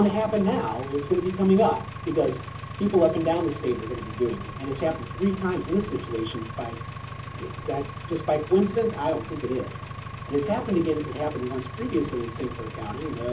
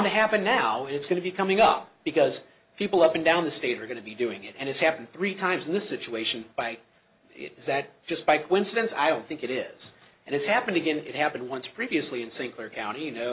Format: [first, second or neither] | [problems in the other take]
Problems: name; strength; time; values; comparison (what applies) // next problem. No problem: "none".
second | background sound (Engine); 10 dB below the speech // room echo; dies away in 0.3 s